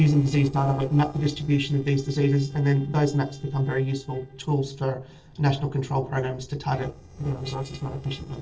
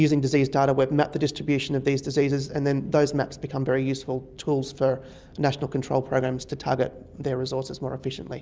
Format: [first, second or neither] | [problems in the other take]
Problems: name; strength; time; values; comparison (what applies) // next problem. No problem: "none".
second | noise reduction (neural separator model SepFormer DNS4)